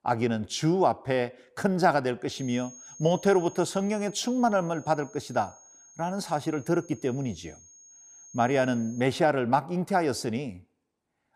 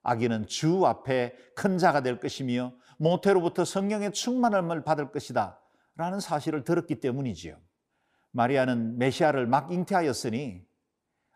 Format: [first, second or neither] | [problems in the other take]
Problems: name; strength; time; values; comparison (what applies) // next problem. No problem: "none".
second | high-pitched whine; faint; from 2.5 to 9 s; 6.5 kHz, 20 dB below the speech